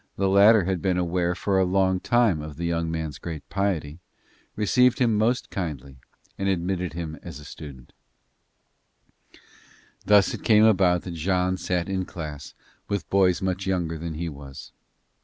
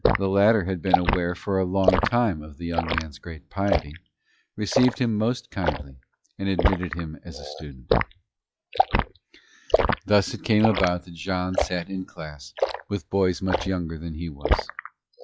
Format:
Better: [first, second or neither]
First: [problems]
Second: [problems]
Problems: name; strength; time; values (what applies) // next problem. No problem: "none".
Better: first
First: none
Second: noise reduction (classical method log-MMSE)